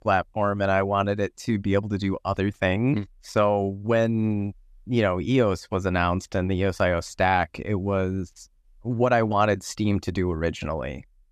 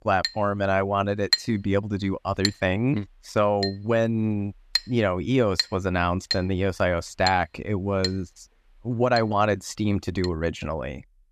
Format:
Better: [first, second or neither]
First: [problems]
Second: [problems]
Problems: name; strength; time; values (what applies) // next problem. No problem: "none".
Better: first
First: none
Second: clattering dishes; loud; until 10 s; peak 1 dB above the speech